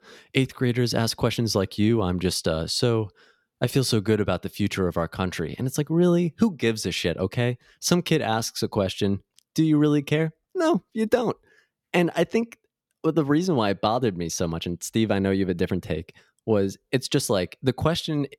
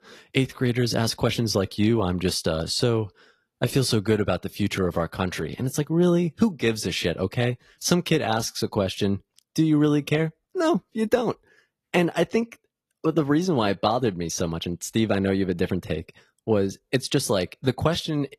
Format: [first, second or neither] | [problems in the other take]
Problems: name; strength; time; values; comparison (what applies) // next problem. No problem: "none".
first | garbled, watery; slightly; nothing above 12.5 kHz